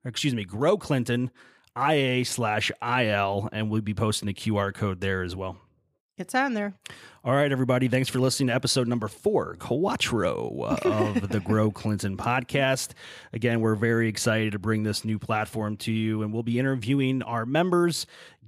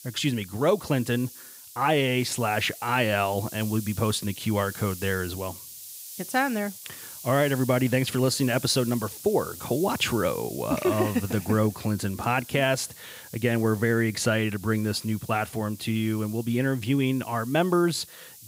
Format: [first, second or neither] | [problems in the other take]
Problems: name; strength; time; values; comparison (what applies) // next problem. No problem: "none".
first | hiss; noticeable; throughout; 15 dB below the speech